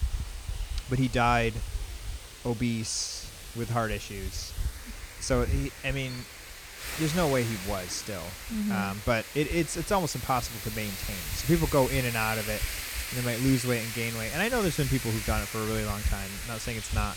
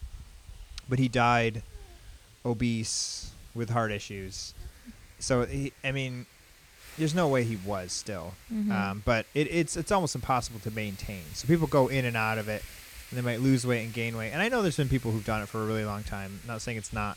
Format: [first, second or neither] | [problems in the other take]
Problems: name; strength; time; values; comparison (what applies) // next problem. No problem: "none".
second | wind noise on the microphone; heavy; 7 dB below the speech; occasional gusts in the second